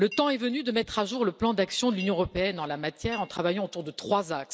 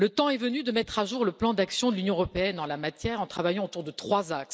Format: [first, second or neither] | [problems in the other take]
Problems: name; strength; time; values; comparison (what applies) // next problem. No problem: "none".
second | background sound (Chink, clink); 20 dB below the speech